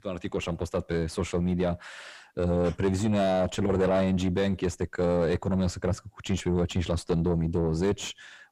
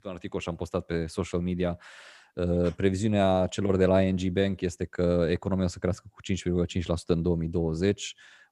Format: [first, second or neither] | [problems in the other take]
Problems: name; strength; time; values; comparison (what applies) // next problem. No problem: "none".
second | distortion; heavy; 7 dB below the speech